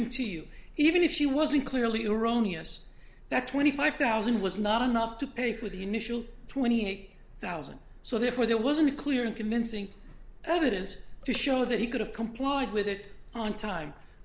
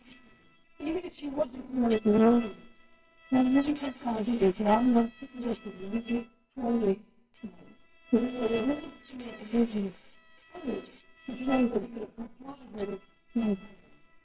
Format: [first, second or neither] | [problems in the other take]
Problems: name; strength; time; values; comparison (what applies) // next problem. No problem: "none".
first | noise reduction (neural separator model SepFormer WHAMR!)